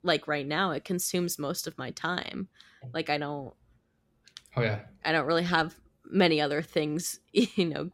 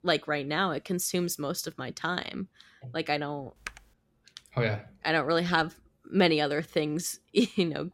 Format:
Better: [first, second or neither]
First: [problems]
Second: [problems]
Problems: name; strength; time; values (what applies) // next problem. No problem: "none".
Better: first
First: none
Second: keyboard typing; faint; at 3.5 s; peak 15 dB below the speech